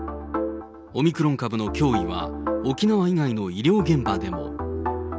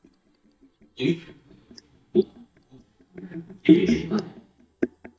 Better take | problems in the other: first | noise reduction (neural mask model DeepFilterNet 3)

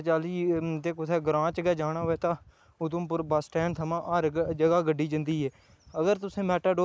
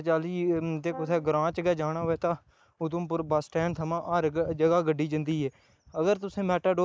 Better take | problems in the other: first | noise reduction (neural mask model DeepFilterNet 3)

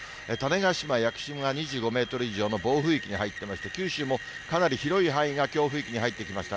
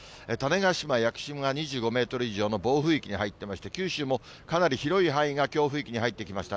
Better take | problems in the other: second | background sound (Screech); 13 dB below the speech

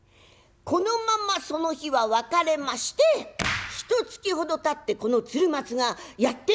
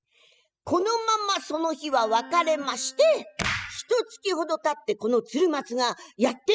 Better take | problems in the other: first | noise reduction (classical method spectral subtraction)

